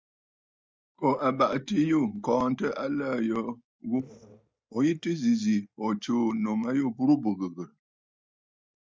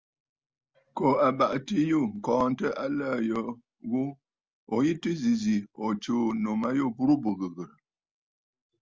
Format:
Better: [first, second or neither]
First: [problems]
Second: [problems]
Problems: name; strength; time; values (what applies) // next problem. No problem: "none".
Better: second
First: noise reduction (neural mask model DeepFilterNet 3)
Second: none